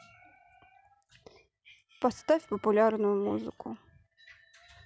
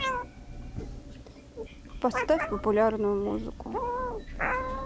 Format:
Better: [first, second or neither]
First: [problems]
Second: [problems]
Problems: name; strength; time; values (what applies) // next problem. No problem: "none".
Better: first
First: none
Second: background sound (Meow); 3 dB below the speech